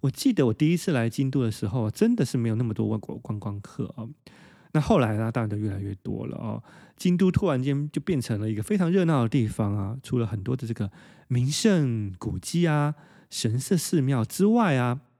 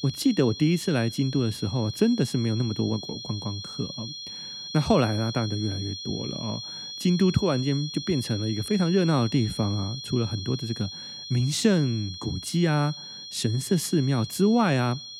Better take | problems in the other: first | high-pitched whine; loud; throughout; 4 kHz, 10 dB below the speech

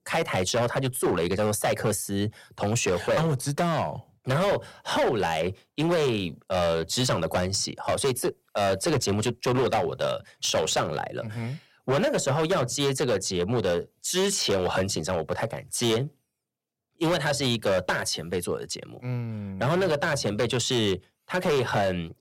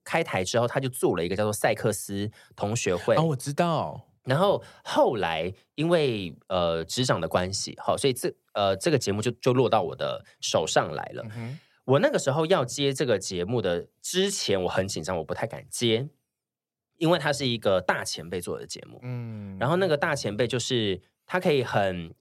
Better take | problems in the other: second | distortion; heavy; 12% of the sound clipped

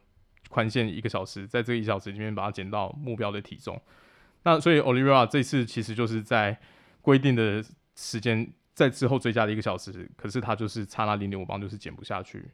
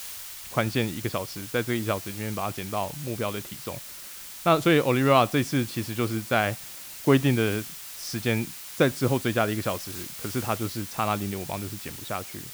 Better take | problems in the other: first | hiss; noticeable; throughout; 10 dB below the speech

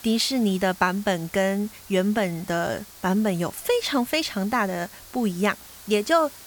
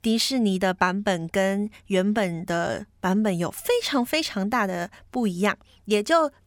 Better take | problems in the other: second | hiss; noticeable; throughout; 20 dB below the speech

